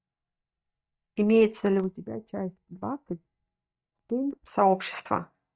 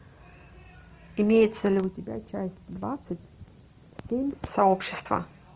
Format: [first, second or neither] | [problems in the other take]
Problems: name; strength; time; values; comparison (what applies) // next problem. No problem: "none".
second | noise reduction (neural mask model DeepFilterNet 3)